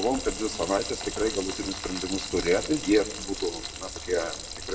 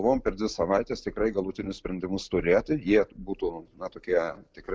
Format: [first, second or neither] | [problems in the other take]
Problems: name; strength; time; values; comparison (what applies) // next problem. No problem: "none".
second | background sound (Frying (food)); 7 dB below the speech // room echo; dies away in 1 s